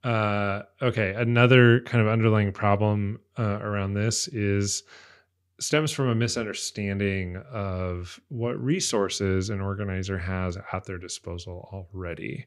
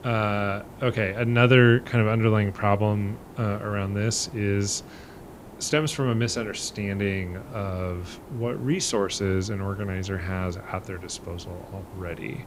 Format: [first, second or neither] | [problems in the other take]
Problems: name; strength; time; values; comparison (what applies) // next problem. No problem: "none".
first | hiss; noticeable; throughout; 20 dB below the speech